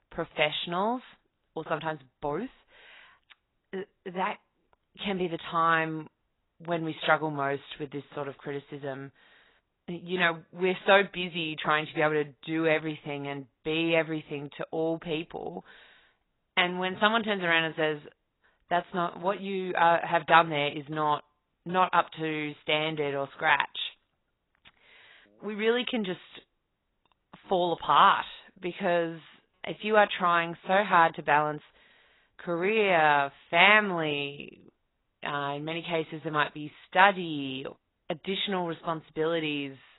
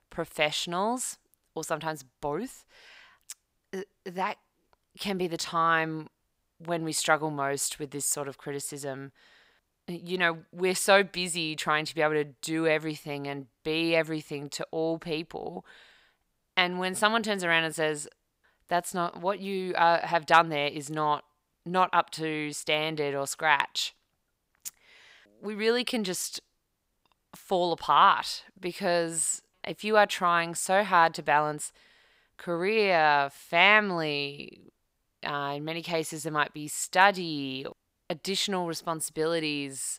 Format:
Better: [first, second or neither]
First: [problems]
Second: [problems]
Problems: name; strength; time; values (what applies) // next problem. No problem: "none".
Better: second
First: garbled, watery; badly; nothing above 4 kHz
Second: none